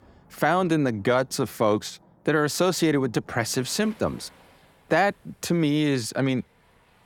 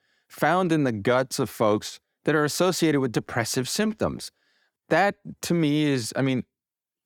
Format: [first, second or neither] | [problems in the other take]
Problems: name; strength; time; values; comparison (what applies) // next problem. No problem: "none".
second | rain or running water; faint; throughout; 30 dB below the speech